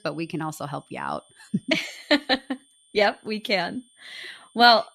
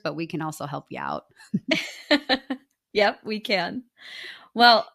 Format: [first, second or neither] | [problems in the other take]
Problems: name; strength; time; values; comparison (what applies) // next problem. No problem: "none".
second | high-pitched whine; faint; throughout; 9 kHz, 30 dB below the speech